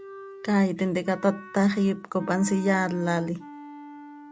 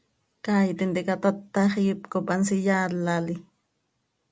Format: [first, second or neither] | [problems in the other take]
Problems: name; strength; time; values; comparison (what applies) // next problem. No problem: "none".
second | background sound (Wind instrument, woodwind instrument); 17 dB below the speech